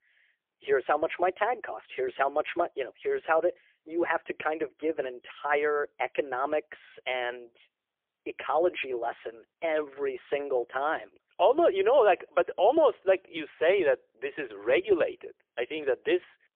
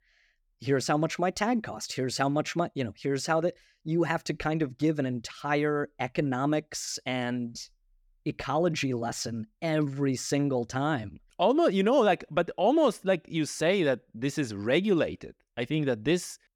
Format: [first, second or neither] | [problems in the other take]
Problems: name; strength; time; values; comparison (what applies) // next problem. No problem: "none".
second | phone-call audio; poor line; nothing above 3.5 kHz